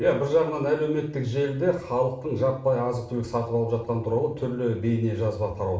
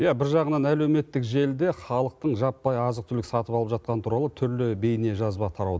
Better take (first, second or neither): second